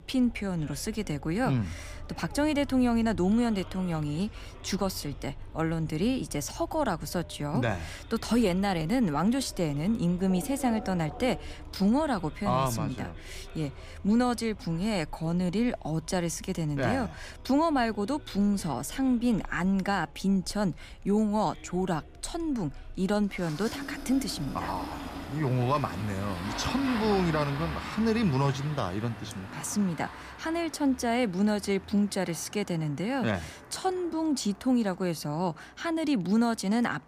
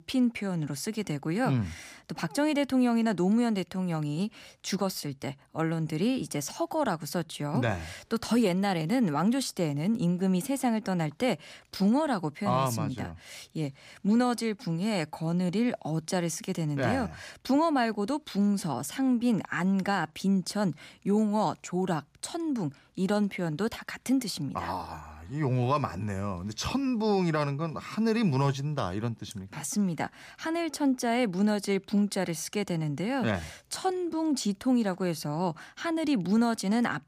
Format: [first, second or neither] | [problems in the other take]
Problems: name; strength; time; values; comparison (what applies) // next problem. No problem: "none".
second | traffic noise; noticeable; throughout; 15 dB below the speech